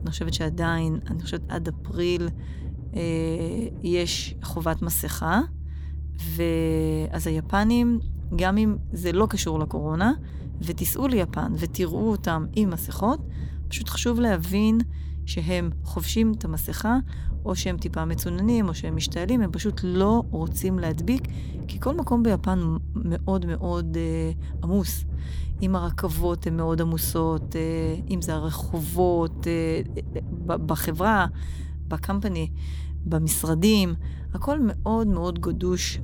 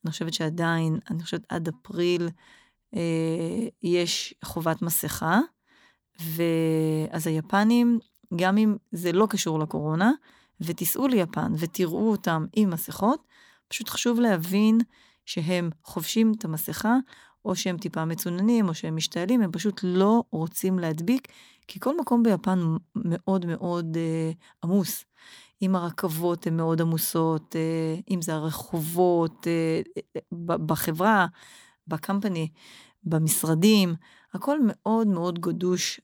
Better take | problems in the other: second | low rumble; noticeable; throughout; 20 dB below the speech

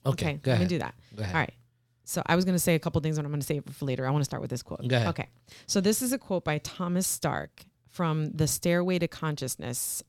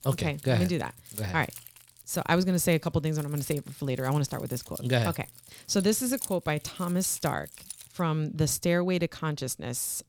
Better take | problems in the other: first | jangling keys; noticeable; until 8 s; peak 8 dB below the speech

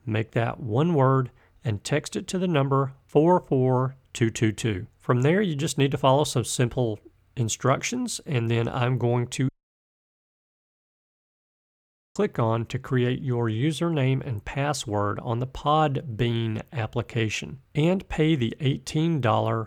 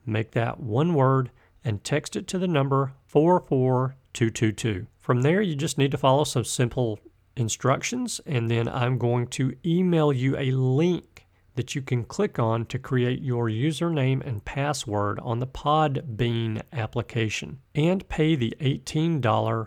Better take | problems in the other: second | audio cutting out; at 9.5 s for 2.5 s

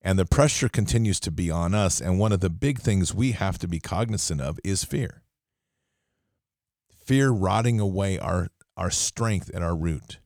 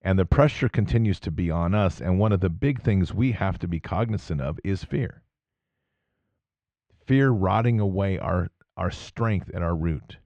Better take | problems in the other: first | muffled; very; fading above 2.5 kHz

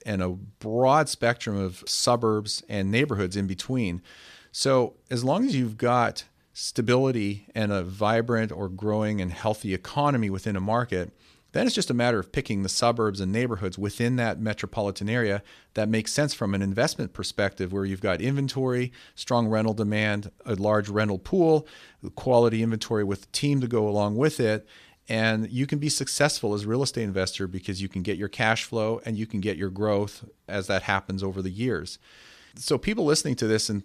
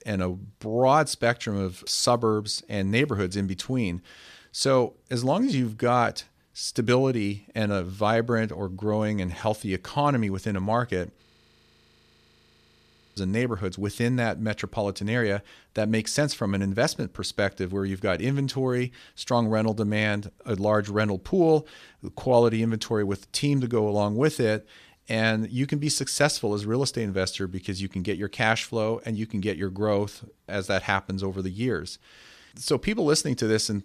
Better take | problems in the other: first | audio freezing; at 11 s for 2 s

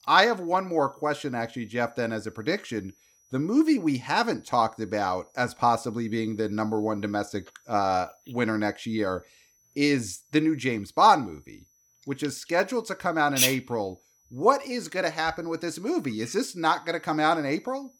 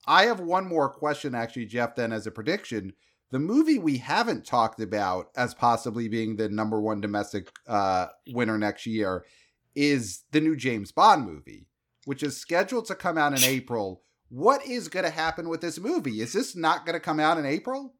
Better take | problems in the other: second | high-pitched whine; faint; throughout; 6 kHz, 35 dB below the speech

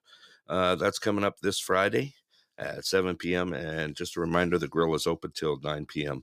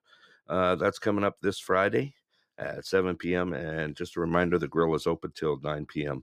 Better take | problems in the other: first | muffled; slightly; fading above 3 kHz

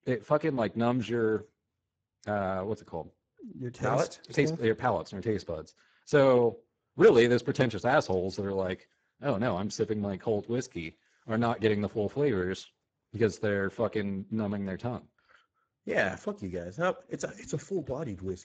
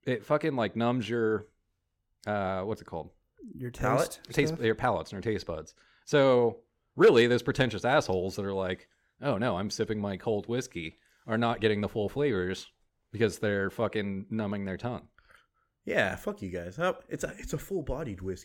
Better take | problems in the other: second | garbled, watery; badly; nothing above 7.5 kHz

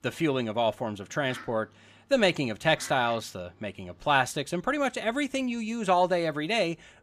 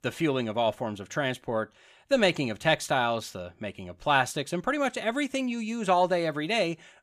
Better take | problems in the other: second | animal sounds; faint; throughout; 25 dB below the speech

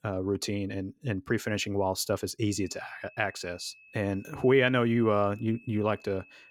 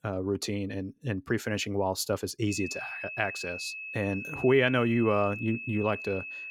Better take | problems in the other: first | high-pitched whine; loud; from 2.5 s on; 2.5 kHz, 8 dB below the speech; faint in the first

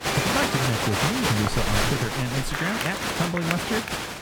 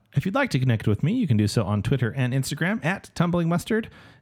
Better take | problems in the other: second | crowd noise; very loud; throughout; 2 dB above the speech

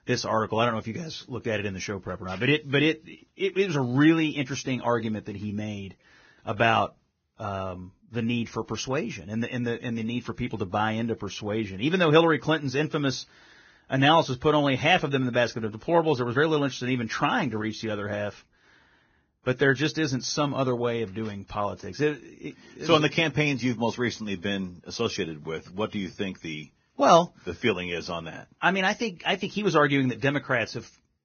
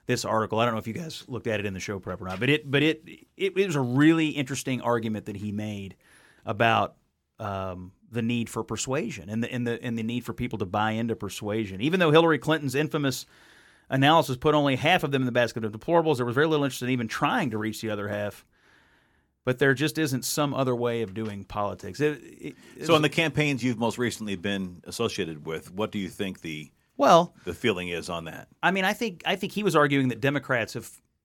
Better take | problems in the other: second | garbled, watery; badly; nothing above 6.5 kHz

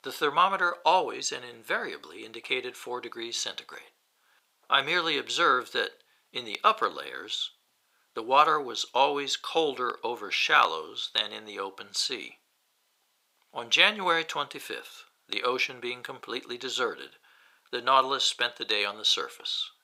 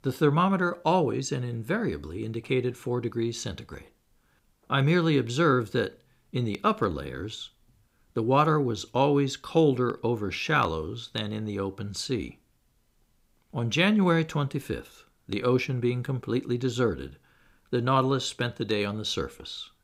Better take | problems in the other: second | thin; very; fading below 750 Hz

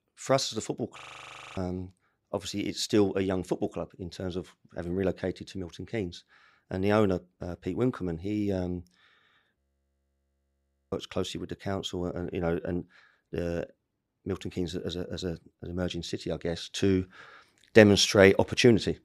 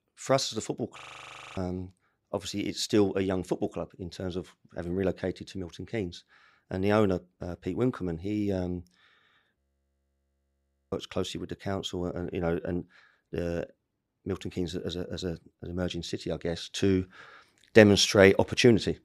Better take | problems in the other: neither | audio freezing; at 1 s for 0.5 s and at 9.5 s for 1.5 s; the same in both

